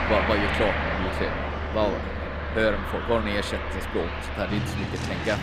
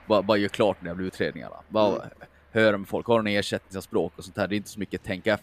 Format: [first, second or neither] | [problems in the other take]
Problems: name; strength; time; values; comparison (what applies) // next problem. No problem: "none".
second | traffic noise; loud; throughout; as loud as the speech; faint in the second